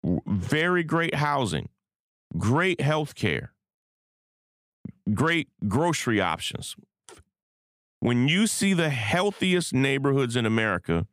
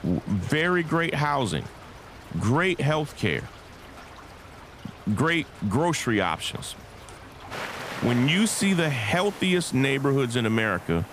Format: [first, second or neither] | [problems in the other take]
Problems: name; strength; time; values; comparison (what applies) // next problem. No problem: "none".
first | rain or running water; noticeable; throughout; 15 dB below the speech